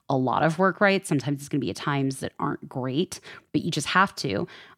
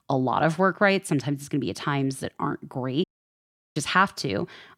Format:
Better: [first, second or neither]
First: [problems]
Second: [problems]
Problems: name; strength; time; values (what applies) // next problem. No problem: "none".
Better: first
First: none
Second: audio cutting out; at 3 s for 0.5 s